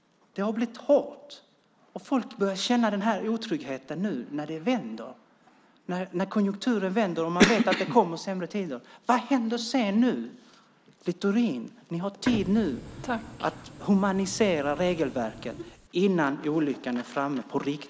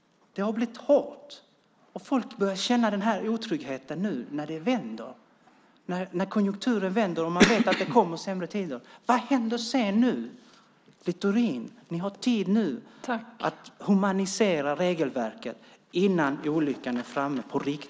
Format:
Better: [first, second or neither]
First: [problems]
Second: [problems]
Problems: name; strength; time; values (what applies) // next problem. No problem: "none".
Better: second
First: background sound (Printer); 13 dB below the speech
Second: none